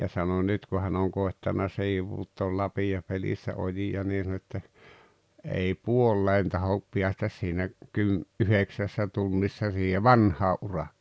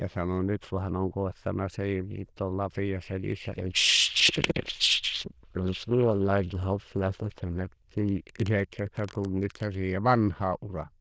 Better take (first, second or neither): first